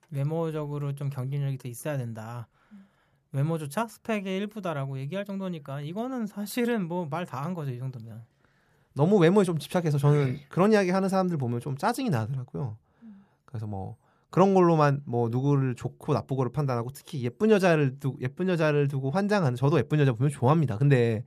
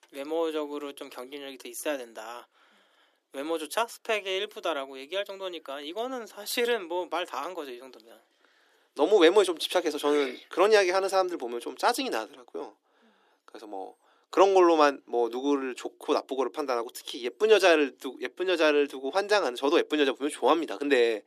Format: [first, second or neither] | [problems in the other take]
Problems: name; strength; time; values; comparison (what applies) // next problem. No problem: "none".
first | thin; somewhat; fading below 300 Hz